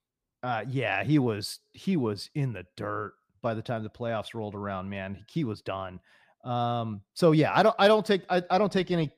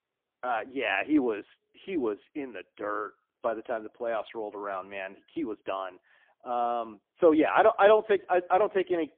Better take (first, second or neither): first